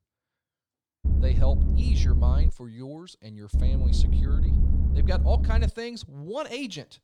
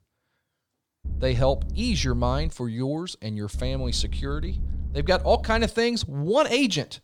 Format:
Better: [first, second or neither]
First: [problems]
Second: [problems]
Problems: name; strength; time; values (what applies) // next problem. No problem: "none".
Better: second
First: low rumble; loud; from 1 to 2.5 s and from 3.5 to 5.5 s; 4 dB below the speech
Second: low rumble; faint; from 1 to 2.5 s and from 3.5 to 5.5 s; 25 dB below the speech